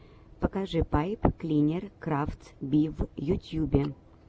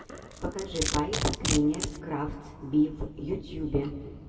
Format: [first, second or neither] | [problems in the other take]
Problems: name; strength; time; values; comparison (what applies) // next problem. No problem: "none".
first | background sound (Domestic sounds, home sounds); 6 dB below the speech // room echo; dies away in 1.7 s